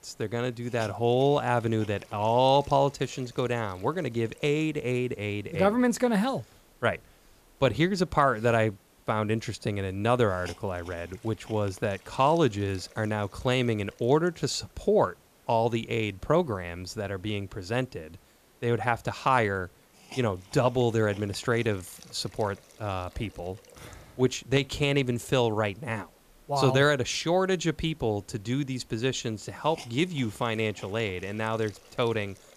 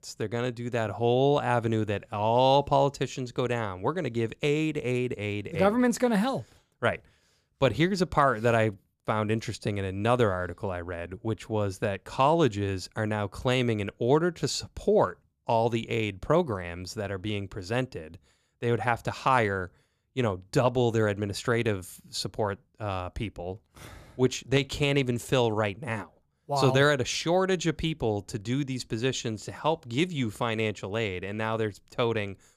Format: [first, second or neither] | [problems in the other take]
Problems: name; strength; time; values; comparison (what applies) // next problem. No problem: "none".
second | hiss; faint; throughout; 25 dB below the speech